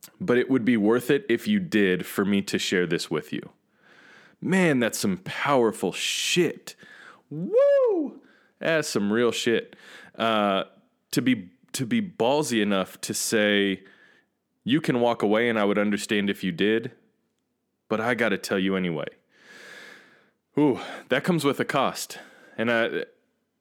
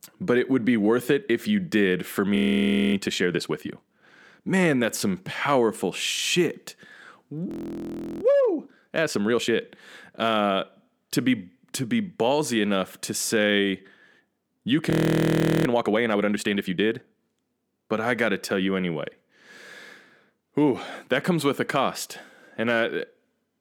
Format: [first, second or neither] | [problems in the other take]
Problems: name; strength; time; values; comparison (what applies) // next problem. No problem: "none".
first | audio freezing; at 2.5 s for 0.5 s, at 7.5 s for 0.5 s and at 15 s for 1 s